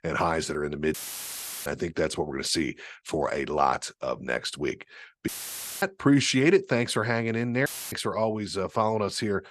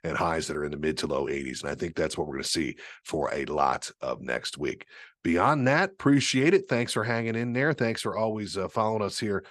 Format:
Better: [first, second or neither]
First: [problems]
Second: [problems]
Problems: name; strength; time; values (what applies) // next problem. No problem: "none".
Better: second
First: audio cutting out; filled with static; at 1 s for 0.5 s, at 5.5 s for 0.5 s and at 7.5 s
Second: none